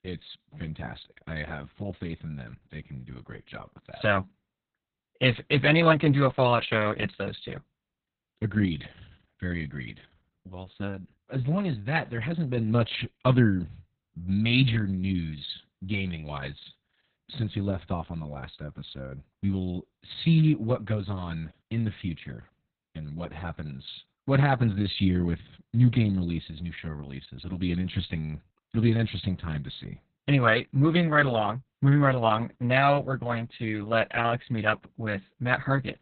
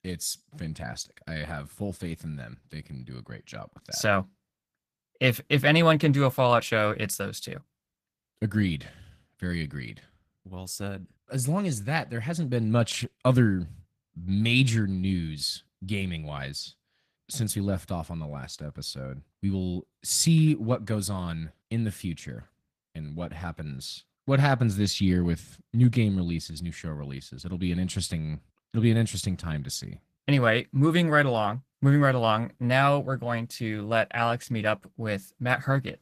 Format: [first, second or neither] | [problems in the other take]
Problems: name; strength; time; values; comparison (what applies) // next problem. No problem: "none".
second | garbled, watery; badly; nothing above 4 kHz; slightly in the second